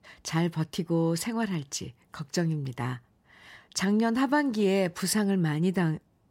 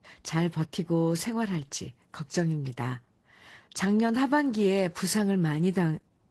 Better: first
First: none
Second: garbled, watery; slightly; nothing above 15.5 kHz

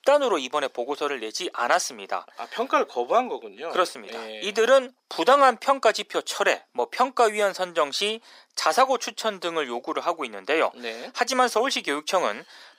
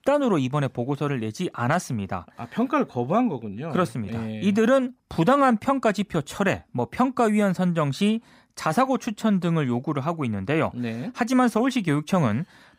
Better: second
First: thin; very; fading below 400 Hz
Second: none

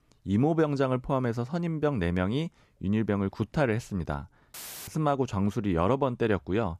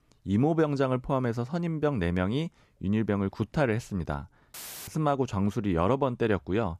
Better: neither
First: audio cutting out; filled with static; at 4.5 s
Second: audio cutting out; filled with static; at 4.5 s

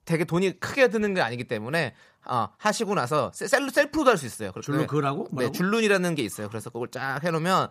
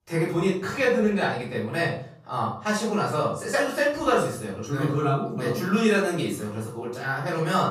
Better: first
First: none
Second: off-mic speech; far // room echo; noticeable; dies away in 0.5 s

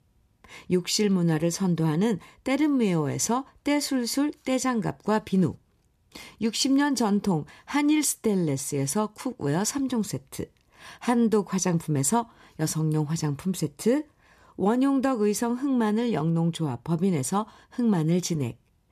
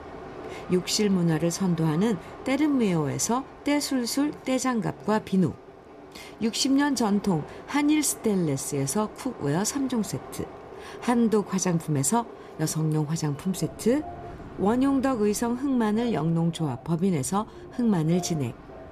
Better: first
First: none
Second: train or aircraft noise; noticeable; throughout; 15 dB below the speech

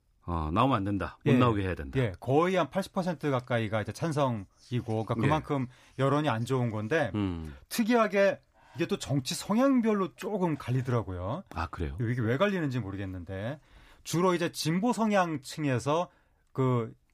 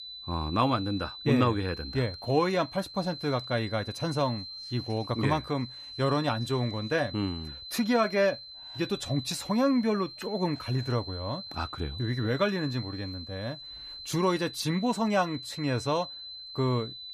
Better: first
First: none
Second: high-pitched whine; noticeable; throughout; 4 kHz, 10 dB below the speech

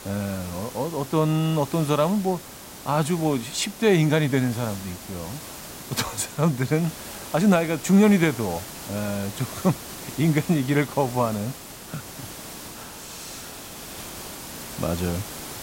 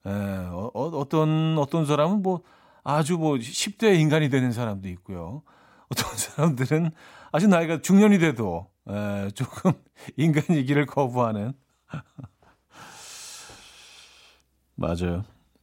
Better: second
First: hiss; noticeable; throughout; 15 dB below the speech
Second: none

